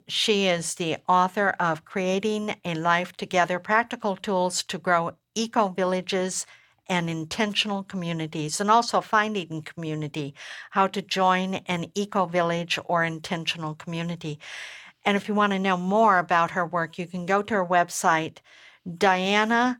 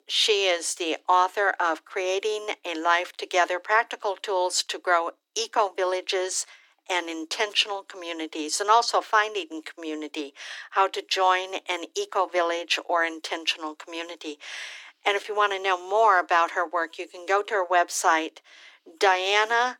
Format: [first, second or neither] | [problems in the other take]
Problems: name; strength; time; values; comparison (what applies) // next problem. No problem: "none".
first | thin; very; fading below 300 Hz